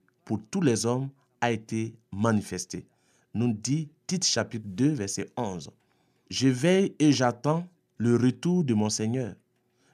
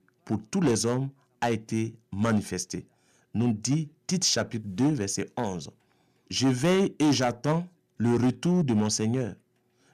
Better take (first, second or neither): first